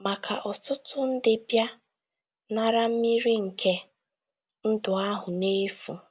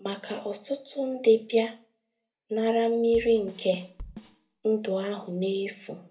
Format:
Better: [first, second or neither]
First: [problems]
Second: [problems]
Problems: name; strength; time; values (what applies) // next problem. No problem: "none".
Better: first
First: none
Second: background sound (Bass drum / Snare drum / Drum kit); 18 dB below the speech // room echo; dies away in 0.3 s